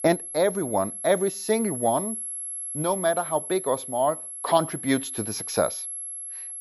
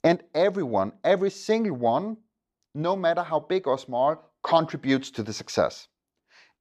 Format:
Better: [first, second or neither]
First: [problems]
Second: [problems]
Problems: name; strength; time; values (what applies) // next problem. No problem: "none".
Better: second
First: high-pitched whine; loud; throughout; 11 kHz, 6 dB below the speech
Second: none